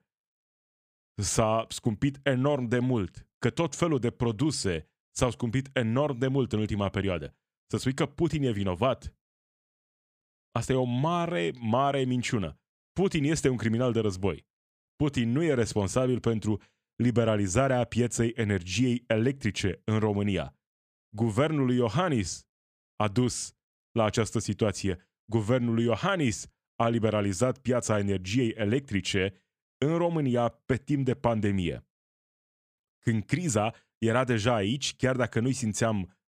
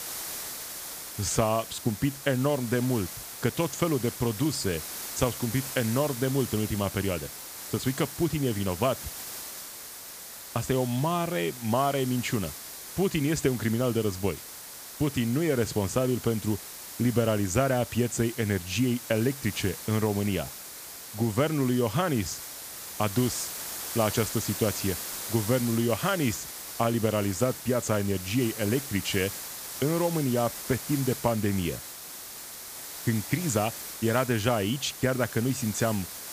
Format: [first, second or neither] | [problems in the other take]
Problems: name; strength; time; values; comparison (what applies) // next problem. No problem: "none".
first | hiss; loud; throughout; 9 dB below the speech